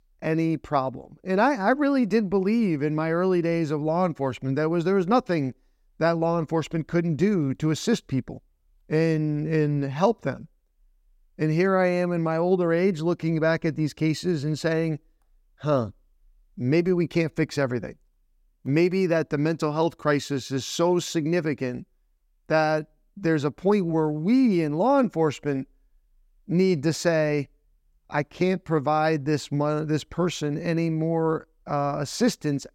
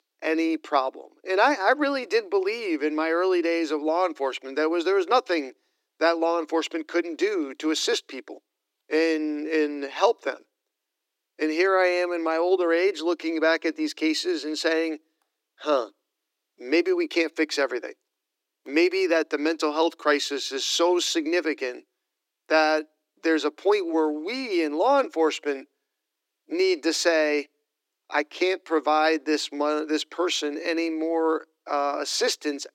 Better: first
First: none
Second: thin; somewhat; fading below 300 Hz

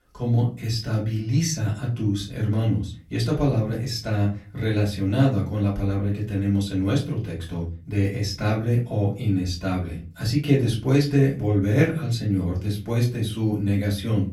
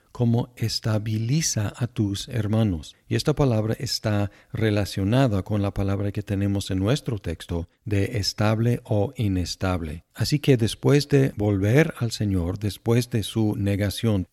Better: second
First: off-mic speech; far // room echo; very slight; dies away in 0.3 s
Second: none

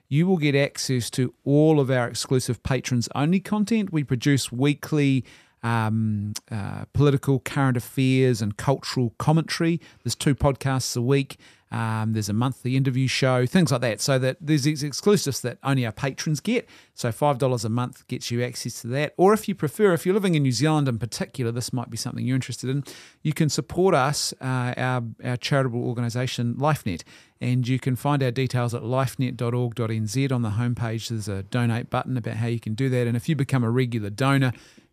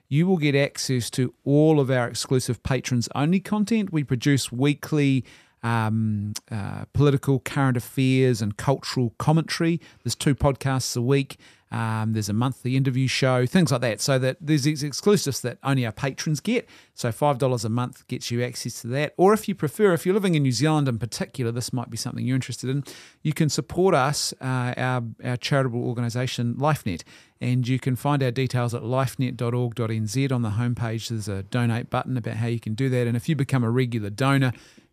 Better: neither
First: none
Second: none

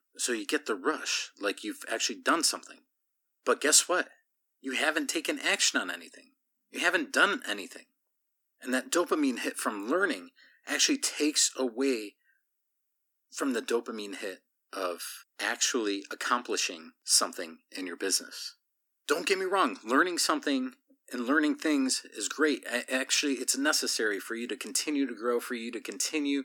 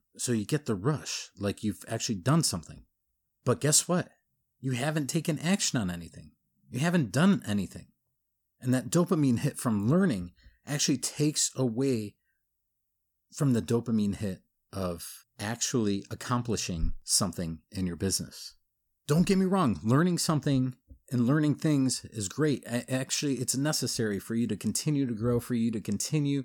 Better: second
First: thin; somewhat; fading below 250 Hz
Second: none

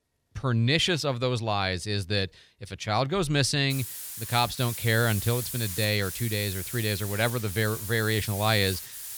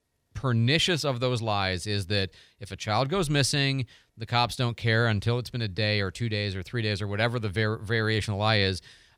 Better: second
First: hiss; loud; from 3.5 s on; 8 dB below the speech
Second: none

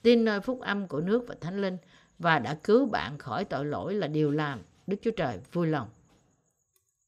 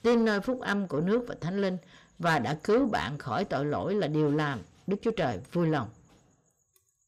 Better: first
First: none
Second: distortion; slight; 10 dB below the speech

